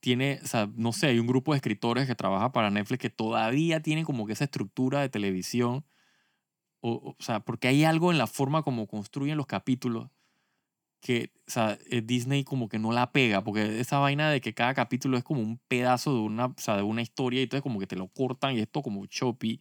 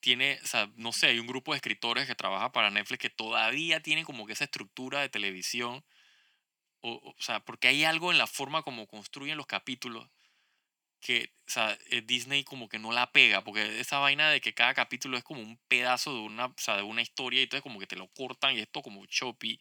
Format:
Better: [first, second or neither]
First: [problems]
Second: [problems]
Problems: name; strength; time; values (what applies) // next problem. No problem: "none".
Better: first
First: none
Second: thin; somewhat; fading below 1 kHz